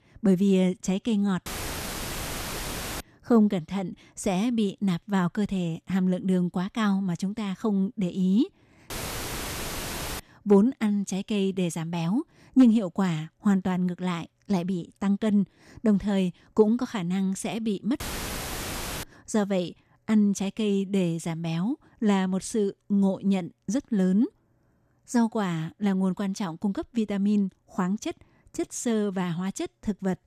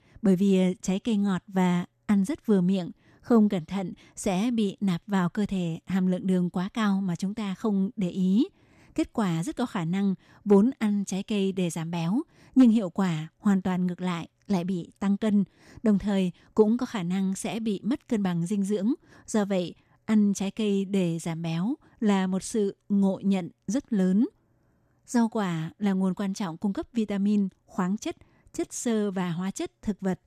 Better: second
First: audio cutting out; filled with static; at 1.5 s for 1.5 s, at 9 s for 1.5 s and at 18 s for 1 s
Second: none

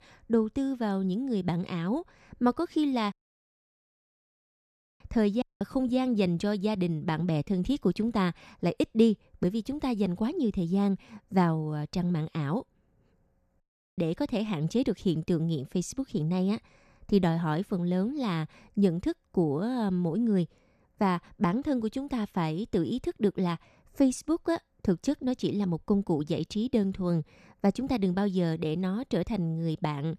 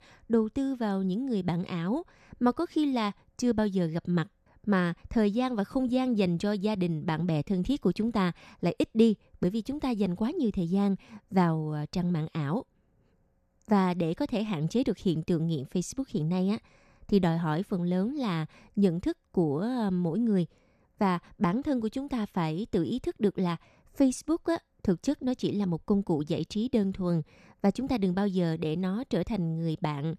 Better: second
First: audio cutting out; at 3 s for 2 s, at 5.5 s and at 14 s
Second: none

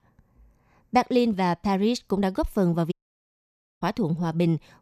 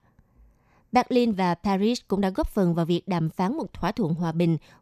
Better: second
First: audio cutting out; at 3 s for 1 s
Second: none

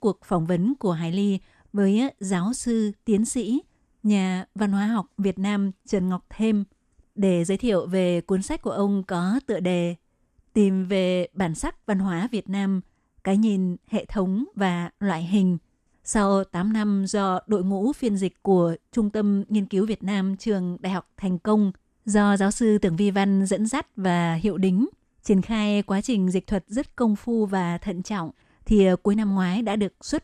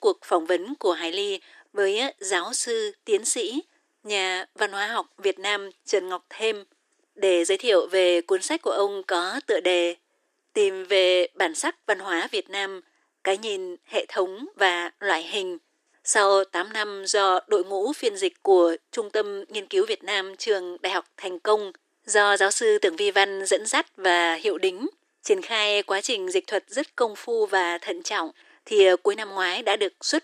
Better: first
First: none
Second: thin; very; fading below 300 Hz

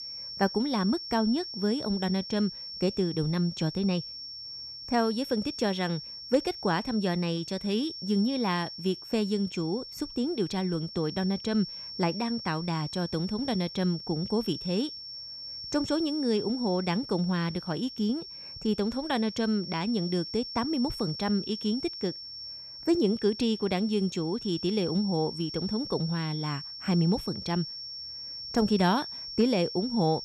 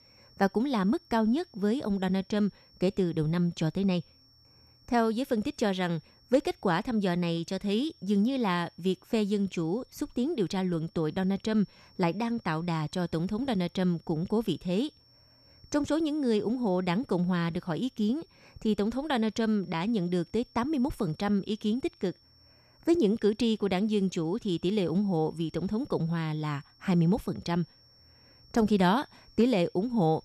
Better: second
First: high-pitched whine; loud; throughout; 5.5 kHz, 8 dB below the speech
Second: high-pitched whine; faint; throughout; 5.5 kHz, 30 dB below the speech

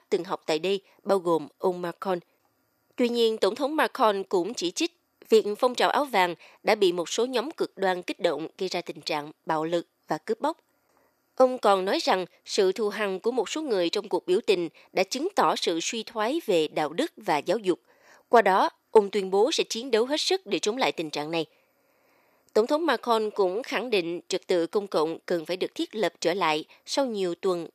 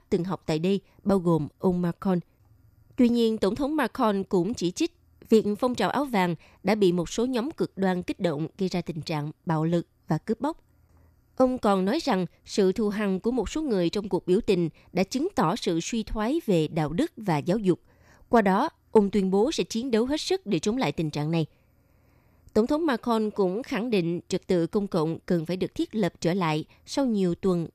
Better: second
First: thin; somewhat; fading below 500 Hz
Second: none

